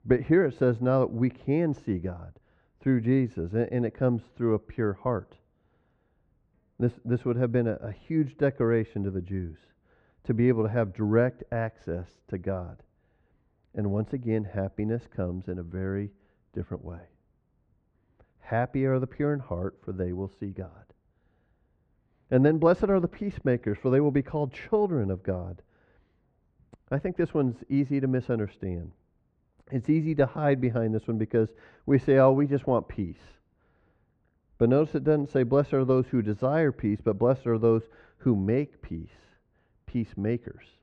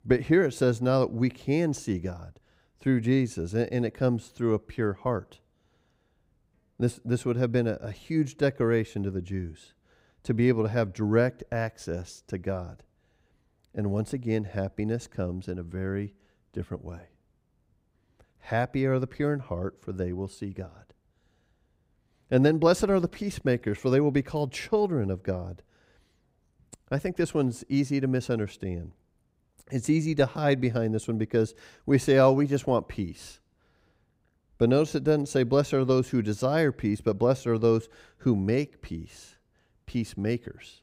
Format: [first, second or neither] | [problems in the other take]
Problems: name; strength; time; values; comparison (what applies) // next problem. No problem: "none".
second | muffled; very; fading above 2 kHz